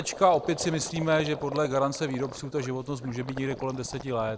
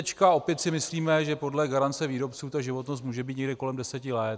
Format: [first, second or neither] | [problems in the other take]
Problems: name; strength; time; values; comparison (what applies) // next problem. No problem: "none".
second | background sound (Gurgling); 13 dB below the speech